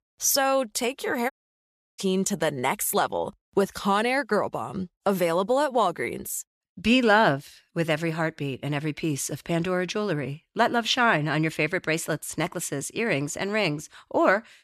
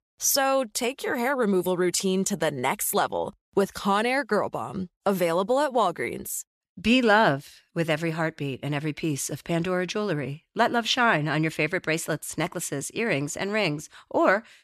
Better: second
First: audio cutting out; at 1.5 s for 0.5 s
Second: none

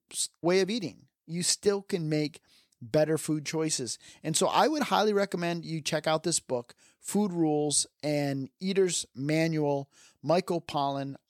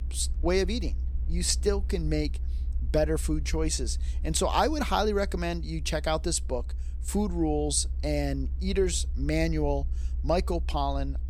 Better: first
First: none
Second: low rumble; faint; throughout; 25 dB below the speech

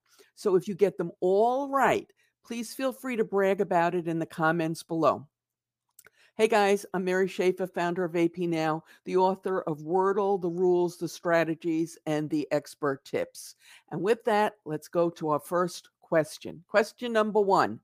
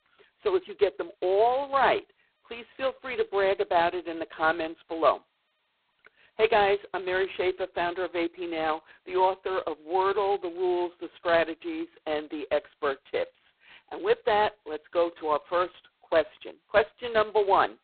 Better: first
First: none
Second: phone-call audio; poor line; nothing above 4 kHz

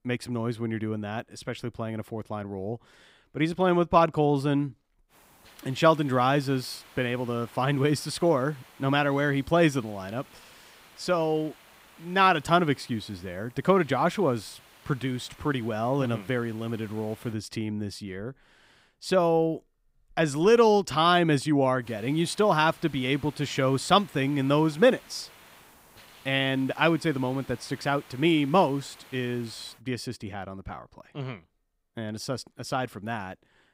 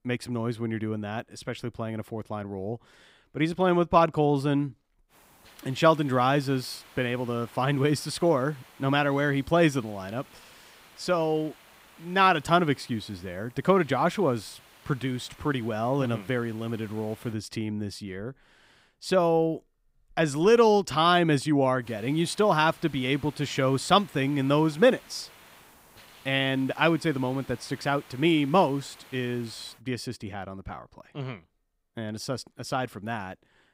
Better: neither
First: hiss; faint; from 5 to 17 s and from 22 to 30 s; 25 dB below the speech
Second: hiss; faint; from 5 to 17 s and from 22 to 30 s; 25 dB below the speech

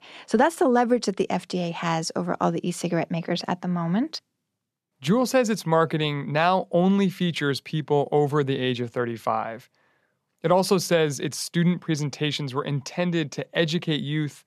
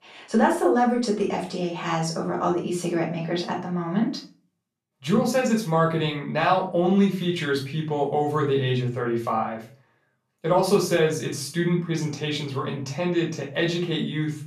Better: first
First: none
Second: off-mic speech; far // room echo; slight; dies away in 0.3 s

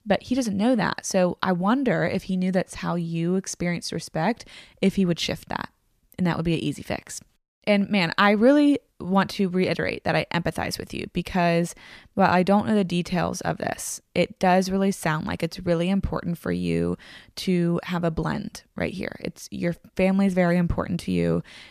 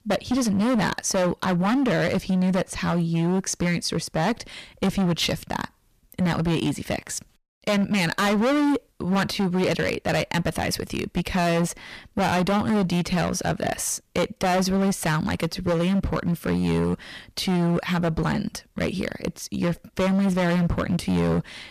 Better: first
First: none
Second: distortion; heavy; 19% of the sound clipped

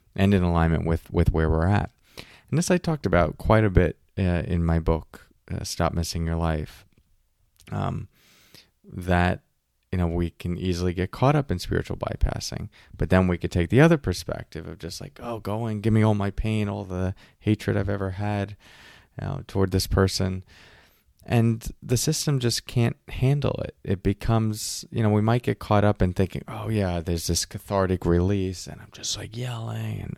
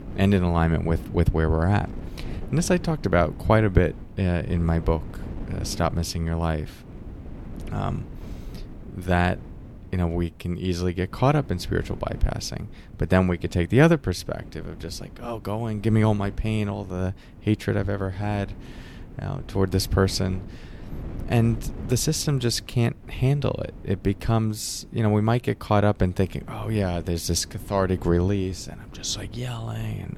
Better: first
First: none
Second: wind noise on the microphone; occasional gusts; 20 dB below the speech

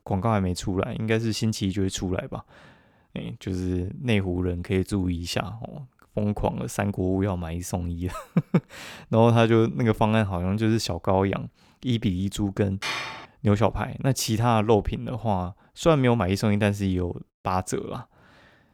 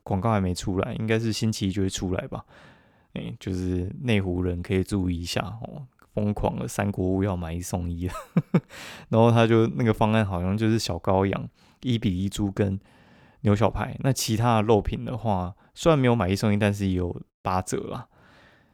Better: second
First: clattering dishes; noticeable; at 13 s; peak 4 dB below the speech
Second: none

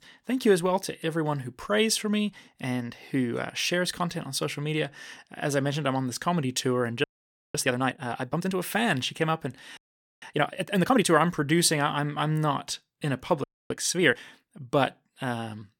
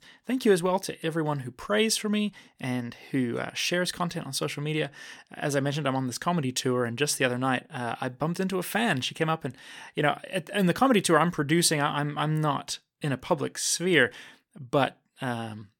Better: second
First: audio freezing; at 7 s for 0.5 s, at 10 s and at 13 s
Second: none

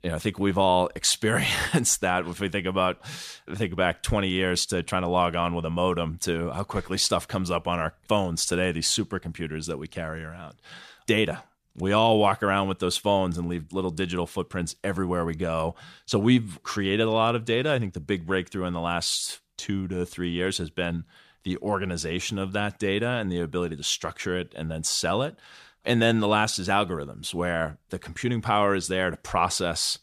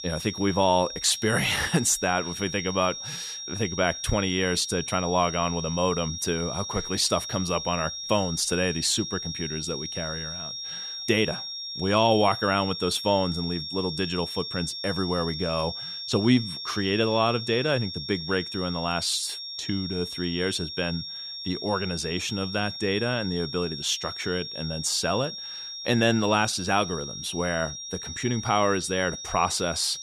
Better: first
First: none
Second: high-pitched whine; loud; throughout; 5.5 kHz, 7 dB below the speech

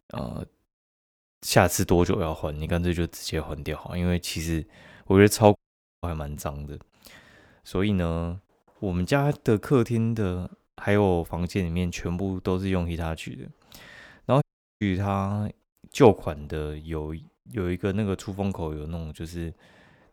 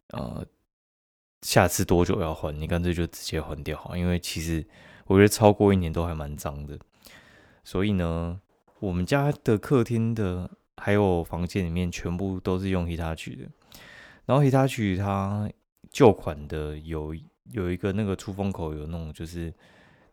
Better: second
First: audio cutting out; at 5.5 s and at 14 s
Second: none

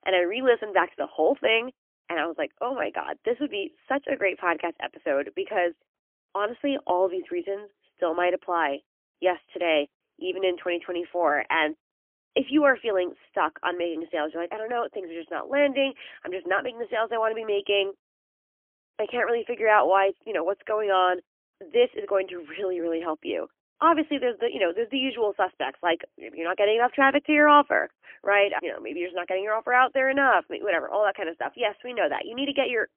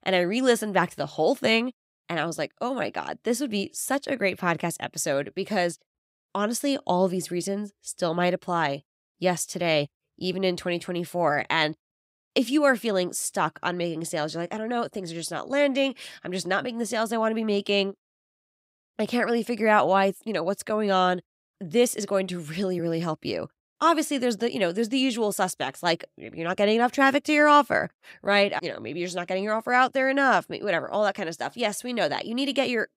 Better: second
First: phone-call audio; poor line; nothing above 3 kHz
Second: none

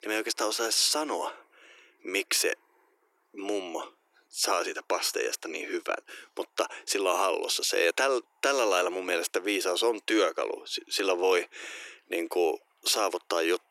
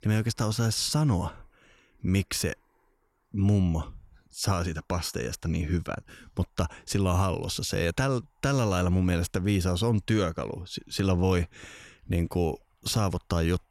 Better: second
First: thin; very; fading below 350 Hz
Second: none

